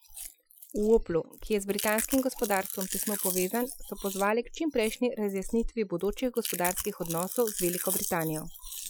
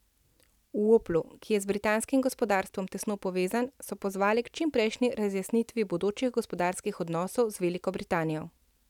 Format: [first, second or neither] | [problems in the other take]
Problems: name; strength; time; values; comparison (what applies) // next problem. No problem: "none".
second | noise reduction (classical method Wiener filter)